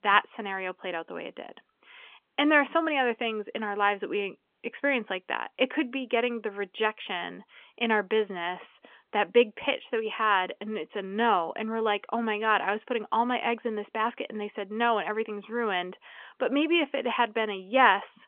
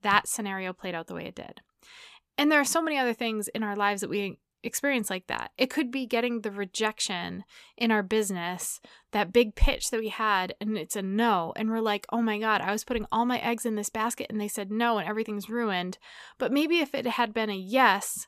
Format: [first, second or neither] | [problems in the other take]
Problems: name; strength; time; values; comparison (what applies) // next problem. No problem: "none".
second | phone-call audio; nothing above 3.5 kHz